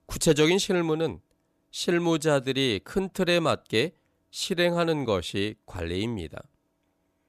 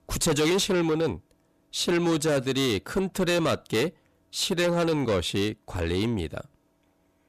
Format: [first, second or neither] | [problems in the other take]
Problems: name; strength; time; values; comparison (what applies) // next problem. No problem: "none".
first | distortion; heavy; 8 dB below the speech